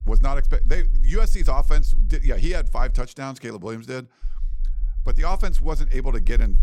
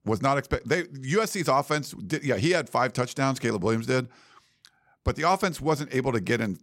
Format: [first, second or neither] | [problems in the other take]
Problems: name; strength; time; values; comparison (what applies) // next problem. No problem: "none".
second | low rumble; faint; until 3 s and from 4 s on; 20 dB below the speech